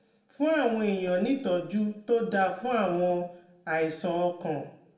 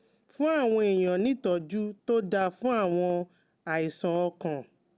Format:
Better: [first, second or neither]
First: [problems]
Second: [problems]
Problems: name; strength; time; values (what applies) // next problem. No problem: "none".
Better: second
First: room echo; dies away in 0.6 s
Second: none